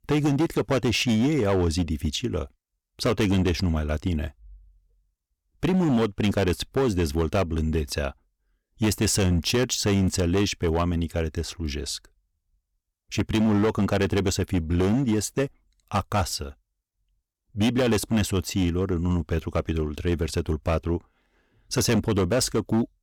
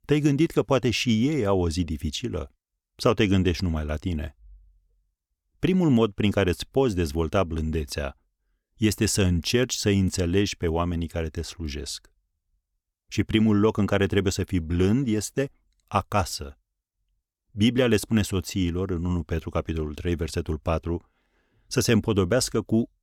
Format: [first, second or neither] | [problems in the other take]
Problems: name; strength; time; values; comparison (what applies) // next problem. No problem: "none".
second | distortion; slight; 10% of the sound clipped